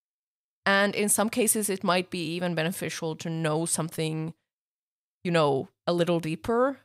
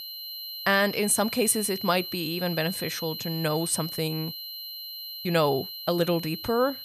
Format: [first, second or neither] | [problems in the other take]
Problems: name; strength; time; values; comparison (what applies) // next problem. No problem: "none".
first | high-pitched whine; loud; throughout; 4 kHz, 8 dB below the speech